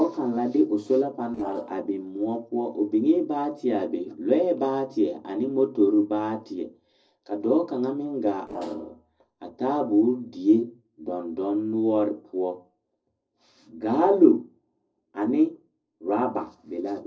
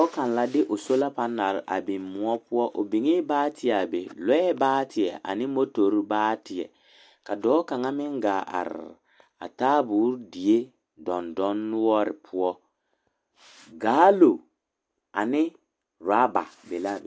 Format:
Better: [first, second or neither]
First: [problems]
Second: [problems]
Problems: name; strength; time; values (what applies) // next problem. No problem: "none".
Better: second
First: noise reduction (neural separator model SepFormer DNS4)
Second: none